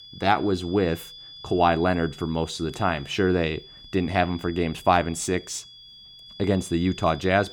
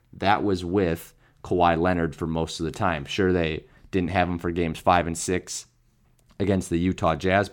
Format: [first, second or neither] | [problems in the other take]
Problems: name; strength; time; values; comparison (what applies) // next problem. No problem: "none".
second | high-pitched whine; noticeable; throughout; 3.5 kHz, 20 dB below the speech